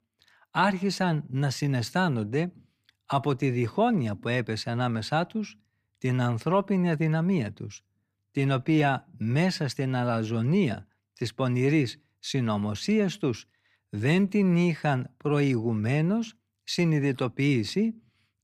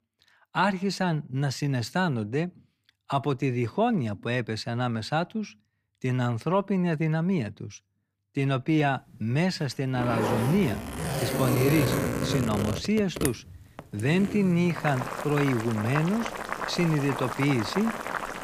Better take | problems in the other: first | household noises; loud; from 9 s on; 4 dB below the speech

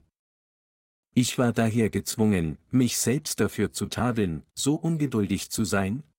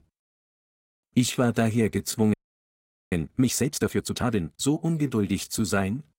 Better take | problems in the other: first | audio freezing; at 2.5 s for 1 s

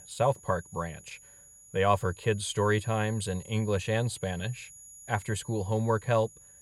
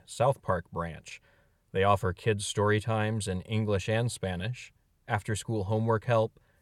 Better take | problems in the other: second | high-pitched whine; noticeable; throughout; 7 kHz, 20 dB below the speech

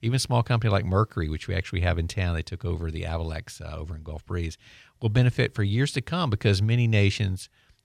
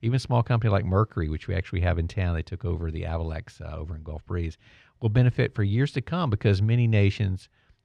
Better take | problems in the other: first | muffled; slightly; fading above 2 kHz

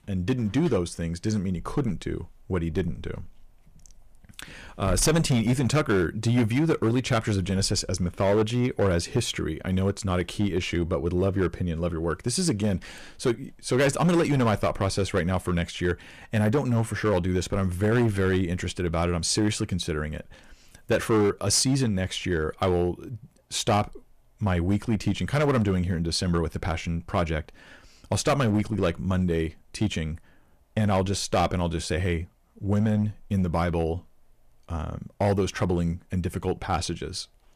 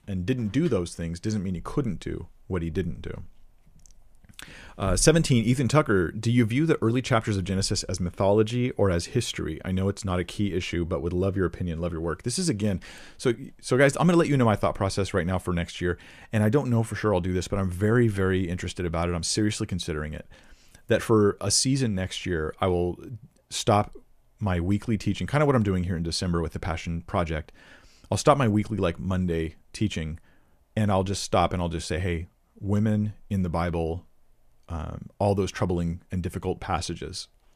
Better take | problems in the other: second | distortion; slight; 5% of the sound clipped

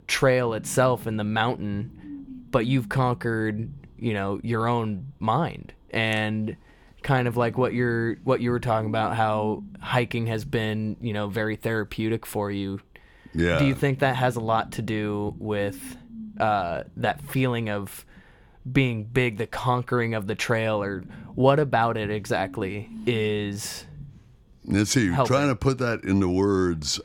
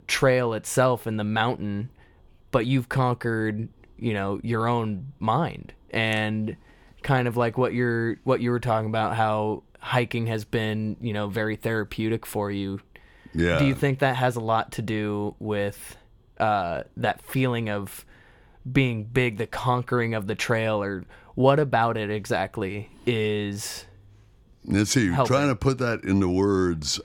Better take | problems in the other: second | low rumble; faint; throughout; 25 dB below the speech

